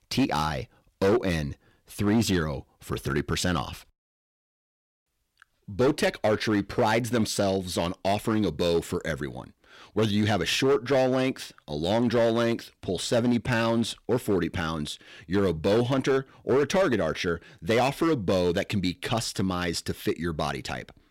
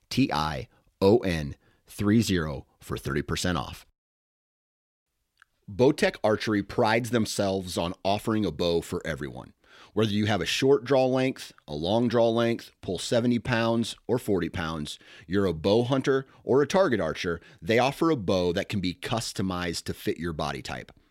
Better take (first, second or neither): second